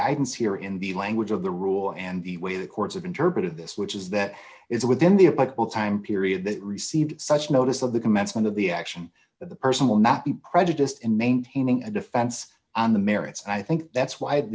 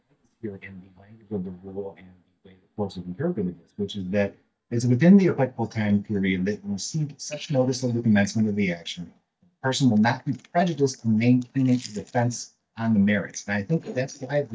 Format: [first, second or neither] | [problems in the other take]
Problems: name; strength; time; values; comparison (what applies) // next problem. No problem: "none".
first | noise reduction (neural mask model DeepFilterNet 3)